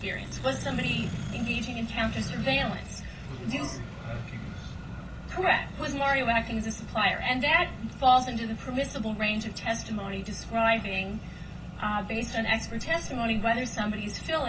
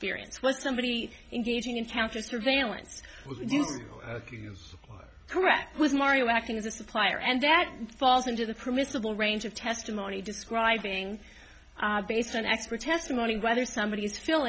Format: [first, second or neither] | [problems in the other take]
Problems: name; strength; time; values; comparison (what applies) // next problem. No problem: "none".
second | background sound (Accelerating, revving, vroom); 9 dB below the speech // room echo; dies away in 0.1 s